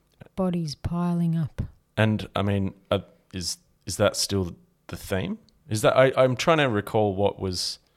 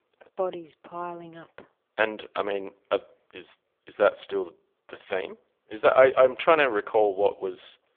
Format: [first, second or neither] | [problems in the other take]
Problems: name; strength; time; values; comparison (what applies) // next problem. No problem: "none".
first | phone-call audio; poor line; nothing above 3.5 kHz